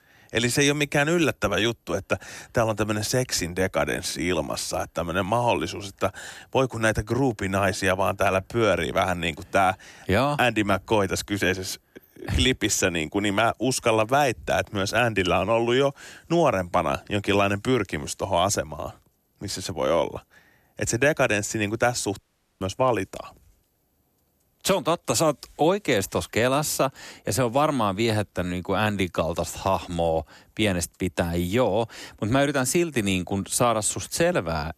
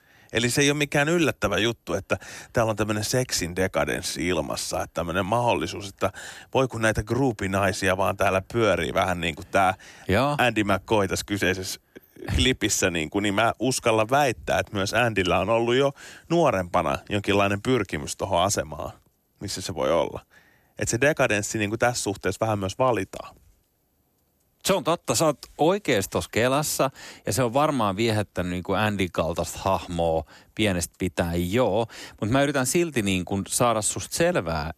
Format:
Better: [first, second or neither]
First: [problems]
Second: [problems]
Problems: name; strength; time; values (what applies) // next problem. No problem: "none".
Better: second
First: audio cutting out; at 22 s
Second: none